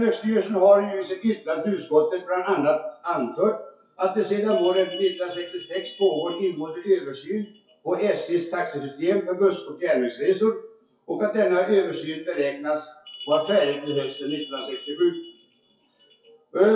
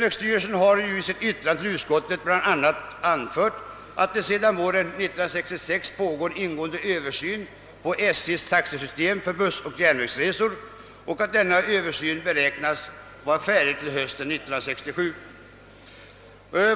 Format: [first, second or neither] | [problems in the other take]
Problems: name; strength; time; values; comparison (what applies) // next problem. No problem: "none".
second | noise reduction (classical method WPE with log-MMSE)